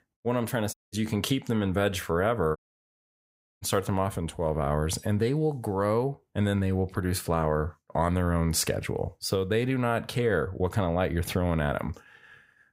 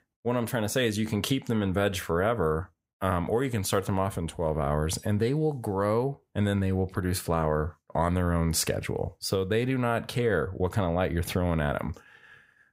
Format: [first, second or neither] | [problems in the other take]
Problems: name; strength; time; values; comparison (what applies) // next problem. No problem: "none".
second | audio cutting out; at 0.5 s and at 2.5 s for 1 s